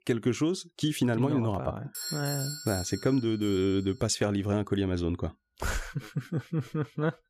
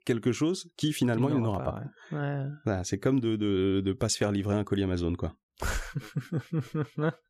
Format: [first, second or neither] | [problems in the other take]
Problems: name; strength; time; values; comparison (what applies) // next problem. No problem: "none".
second | doorbell; noticeable; from 2 to 3.5 s; peak 4 dB below the speech